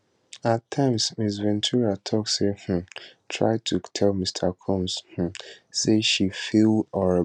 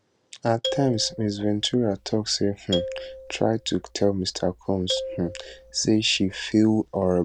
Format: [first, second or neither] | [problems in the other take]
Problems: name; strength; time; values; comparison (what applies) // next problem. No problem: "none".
first | background sound (Marimba, xylophone); 11 dB below the speech